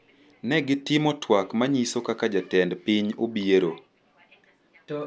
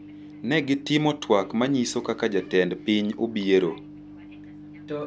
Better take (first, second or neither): first